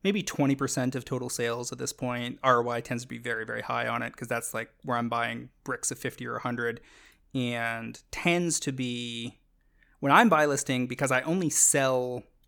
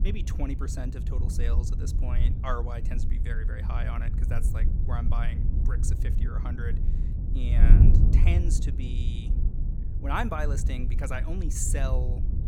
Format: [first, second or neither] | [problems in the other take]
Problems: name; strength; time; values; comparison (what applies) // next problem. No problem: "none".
first | wind noise on the microphone; heavy; 6 dB below the speech